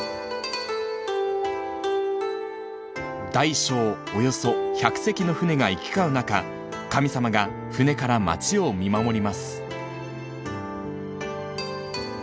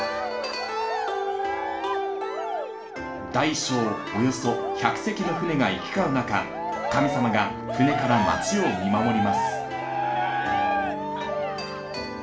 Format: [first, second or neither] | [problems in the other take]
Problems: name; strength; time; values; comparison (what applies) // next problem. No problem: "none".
first | background sound (Cheering); 3 dB below the speech // room echo; dies away in 0.5 s